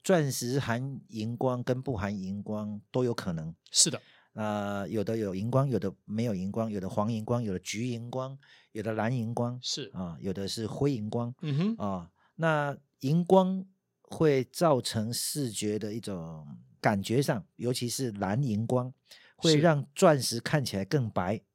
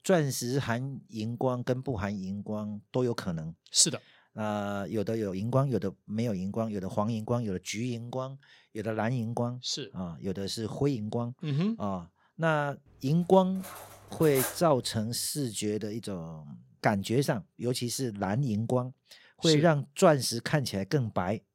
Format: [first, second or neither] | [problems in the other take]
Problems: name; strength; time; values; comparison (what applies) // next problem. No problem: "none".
first | clattering dishes; noticeable; at 14 s; peak 3 dB below the speech